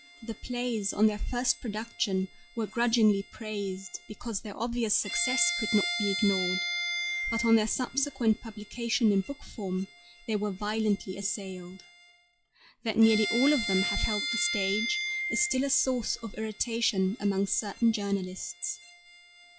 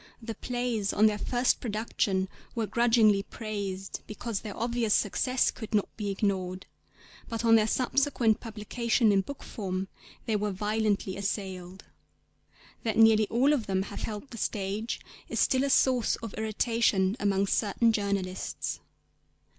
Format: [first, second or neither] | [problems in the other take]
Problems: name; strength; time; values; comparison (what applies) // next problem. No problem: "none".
second | noise reduction (classical method log-MMSE)